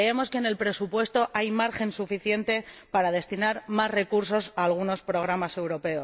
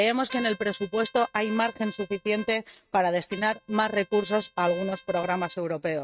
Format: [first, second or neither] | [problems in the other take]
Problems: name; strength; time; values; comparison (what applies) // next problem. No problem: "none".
first | noise reduction (neural mask model RNNoise)